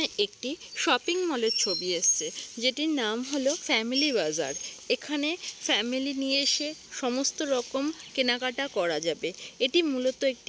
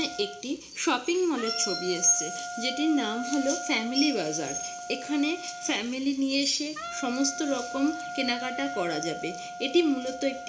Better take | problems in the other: first | background sound (Wind instrument, woodwind instrument); 10 dB below the speech // room echo; dies away in 0.4 s

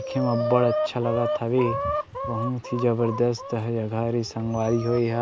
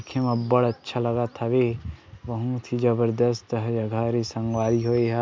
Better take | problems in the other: second | background sound (Chicken, rooster); 6 dB below the speech

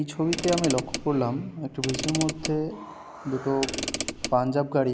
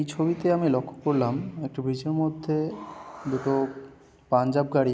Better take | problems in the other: second | background sound (Mechanisms / Car); 6 dB below the speech

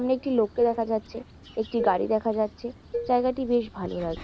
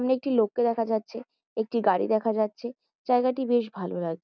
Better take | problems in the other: second | background sound (Dishes, pots, and pans + Bird vocalization, bird call, bird song); 11 dB below the speech

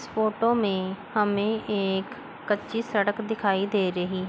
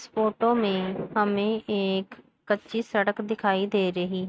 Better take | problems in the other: first | noise reduction (neural mask model RNNoise)

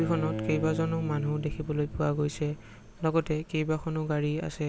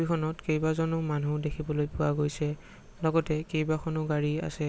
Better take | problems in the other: second | background sound (Bowed string instrument); 10 dB below the speech

